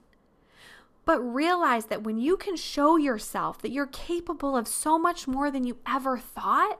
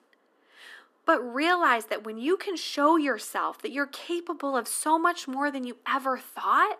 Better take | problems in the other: first | thin; very slightly; fading below 250 Hz

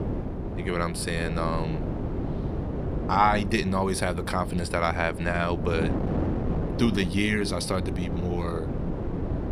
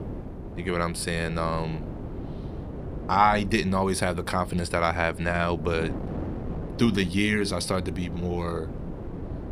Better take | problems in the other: second | wind noise on the microphone; heavy; 10 dB below the speech; occasional gusts in the second

